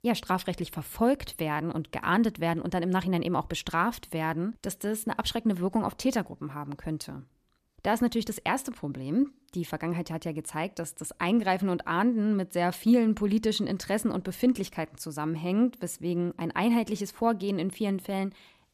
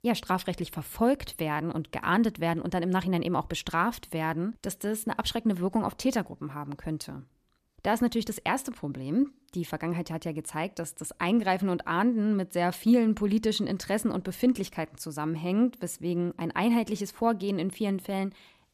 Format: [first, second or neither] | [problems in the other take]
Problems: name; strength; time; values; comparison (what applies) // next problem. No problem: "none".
neither | none